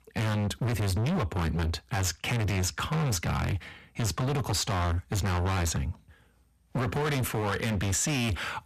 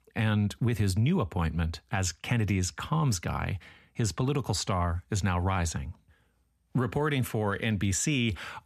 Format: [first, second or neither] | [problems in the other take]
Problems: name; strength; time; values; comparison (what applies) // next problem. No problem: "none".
second | distortion; heavy; 33% of the sound clipped